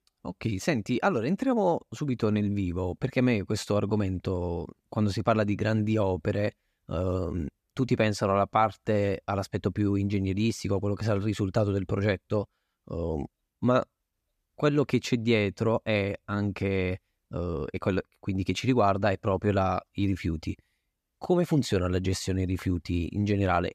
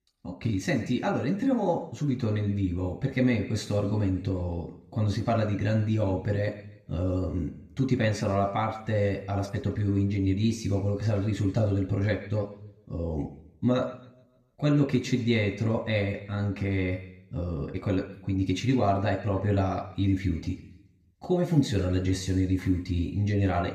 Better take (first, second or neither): first